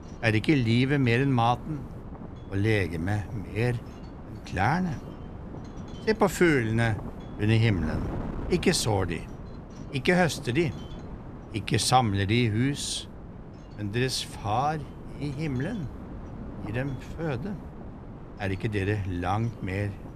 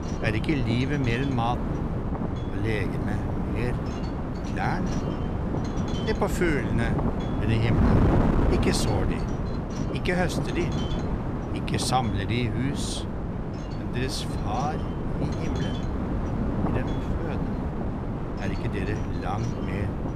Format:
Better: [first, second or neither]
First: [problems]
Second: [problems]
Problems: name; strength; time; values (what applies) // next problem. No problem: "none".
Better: first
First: wind noise on the microphone; occasional gusts; 15 dB below the speech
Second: wind noise on the microphone; heavy; 2 dB below the speech